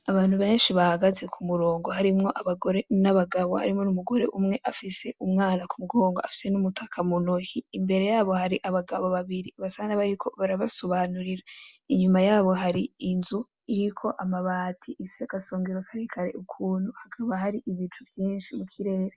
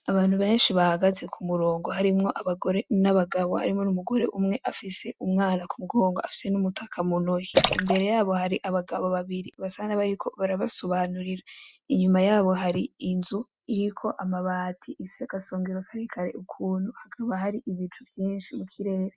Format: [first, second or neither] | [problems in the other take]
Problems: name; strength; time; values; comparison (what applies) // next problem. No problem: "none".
first | noise reduction (neural mask model RNNoise)